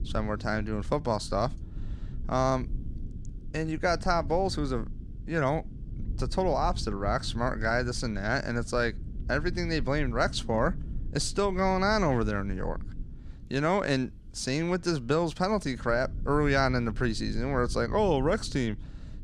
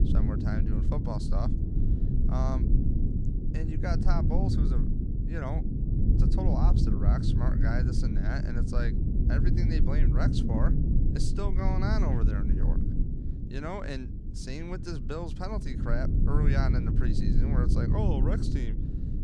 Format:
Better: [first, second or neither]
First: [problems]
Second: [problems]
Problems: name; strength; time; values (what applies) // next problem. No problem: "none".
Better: first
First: low rumble; faint; throughout; 25 dB below the speech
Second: low rumble; loud; throughout; 1 dB below the speech